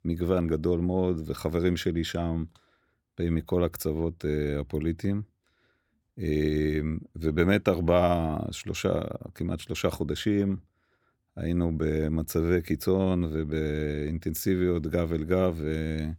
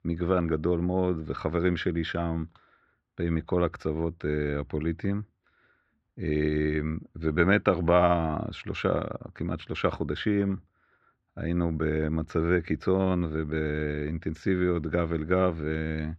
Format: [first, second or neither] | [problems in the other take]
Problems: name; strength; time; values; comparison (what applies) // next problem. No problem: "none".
first | muffled; slightly; fading above 3.5 kHz